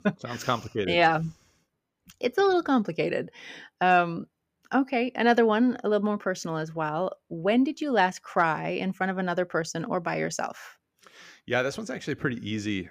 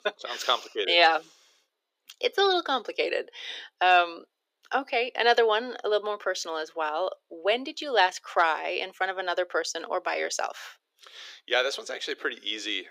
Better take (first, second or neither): first